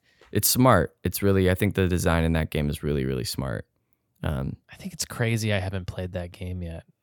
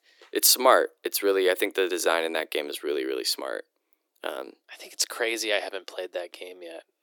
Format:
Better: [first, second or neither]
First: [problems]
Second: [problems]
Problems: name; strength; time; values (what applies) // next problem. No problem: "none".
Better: first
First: none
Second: thin; very; fading below 300 Hz